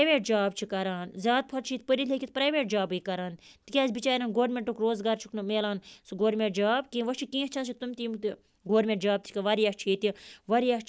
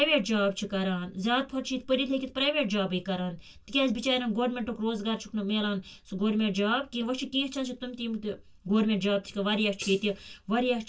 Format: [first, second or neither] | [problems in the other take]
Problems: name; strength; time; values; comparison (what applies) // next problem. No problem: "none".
first | background sound (Hi-hat); 16 dB below the speech // room echo; dies away in 0.1 s